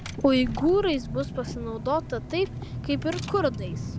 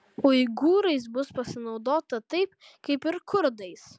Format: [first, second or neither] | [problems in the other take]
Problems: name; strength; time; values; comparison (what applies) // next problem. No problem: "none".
second | background sound (Engine / Car); 8 dB below the speech